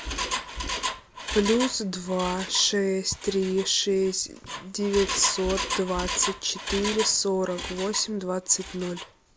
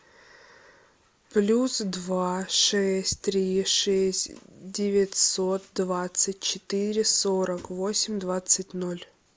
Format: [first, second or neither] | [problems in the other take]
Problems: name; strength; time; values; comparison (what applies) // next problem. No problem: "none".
second | background sound (Engine); 7 dB below the speech